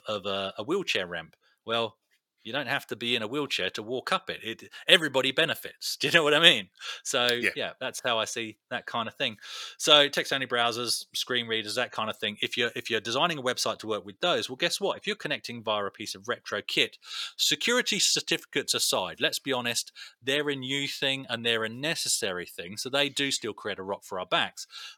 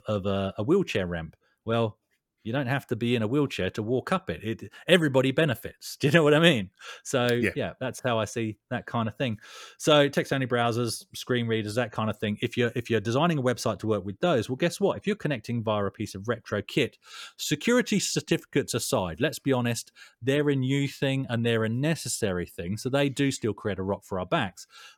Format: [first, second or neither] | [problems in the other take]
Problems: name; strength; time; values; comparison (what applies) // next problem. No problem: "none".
second | thin; somewhat; fading below 900 Hz